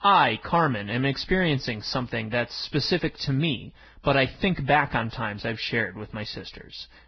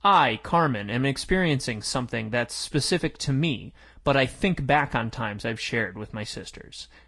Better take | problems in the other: second | garbled, watery; badly; nothing above 5 kHz; slightly in the second

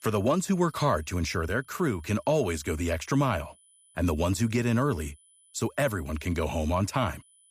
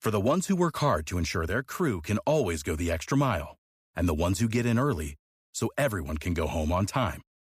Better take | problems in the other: second | high-pitched whine; faint; throughout; 10 kHz, 30 dB below the speech

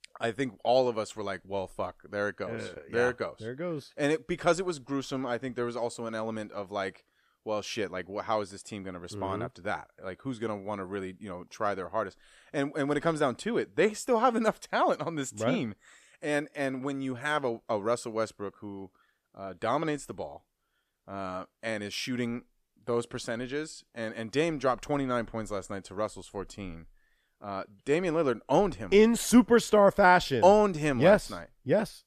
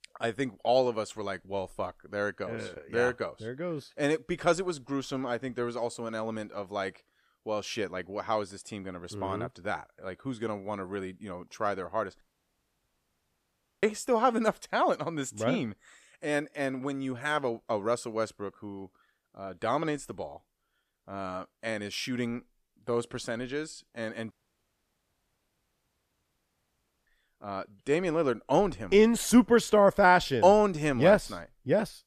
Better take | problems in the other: first | audio cutting out; at 12 s for 1.5 s and at 24 s for 3 s

